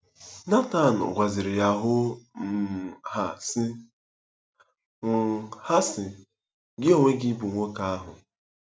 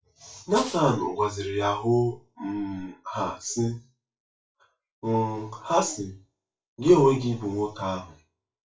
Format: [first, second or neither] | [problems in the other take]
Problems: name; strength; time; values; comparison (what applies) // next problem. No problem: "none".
first | noise reduction (classical method WPE with log-MMSE)